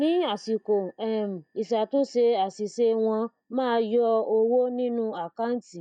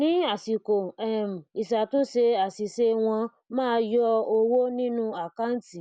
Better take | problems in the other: second | noise reduction (neural mask model DeepFilterNet 3)

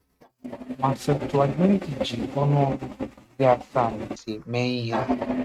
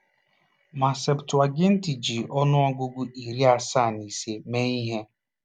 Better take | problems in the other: second | noise reduction (neural mask model RNNoise)

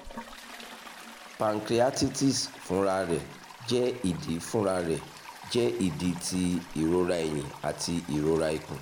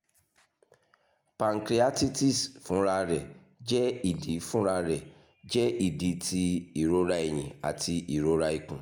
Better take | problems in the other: second | background sound (Toilet flush); 16 dB below the speech

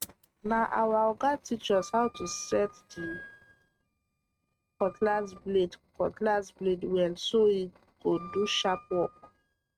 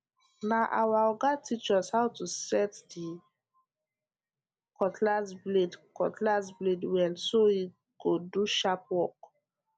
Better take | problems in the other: second | noise reduction (neural mask model RNNoise)

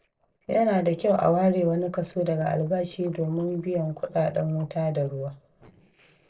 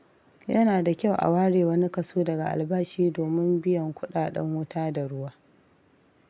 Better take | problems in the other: second | noise reduction (neural separator model SepFormer DNS4)

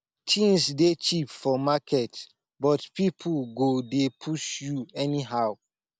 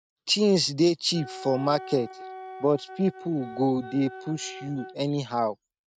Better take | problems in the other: first | noise reduction (neural mask model RNNoise)

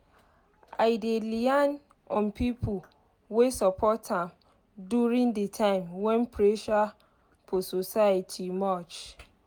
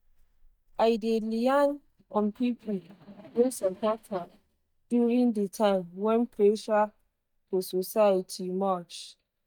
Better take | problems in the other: first | noise reduction (neural mask model DeepFilterNet 3)

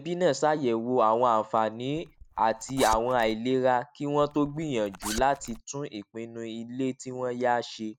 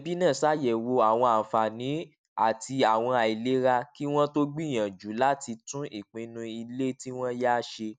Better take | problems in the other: second | noise reduction (neural mask model Resemble Enhance denoiser)

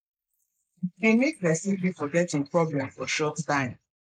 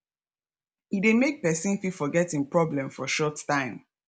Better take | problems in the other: second | noise reduction (neural mask model Resemble Enhance denoiser)

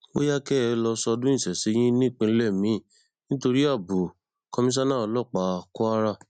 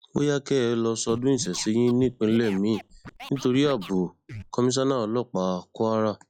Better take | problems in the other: first | noise reduction (classical method log-MMSE)

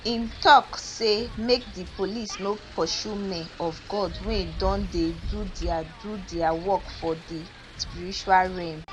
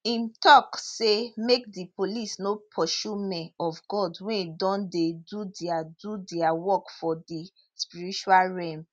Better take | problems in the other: second | background sound (Wind); 11 dB below the speech

